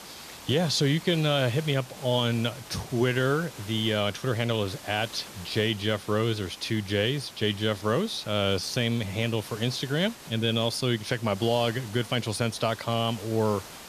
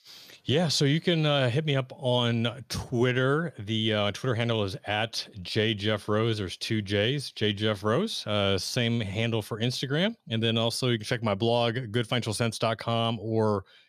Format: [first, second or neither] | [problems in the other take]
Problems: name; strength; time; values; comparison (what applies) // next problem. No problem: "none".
second | hiss; noticeable; throughout; 15 dB below the speech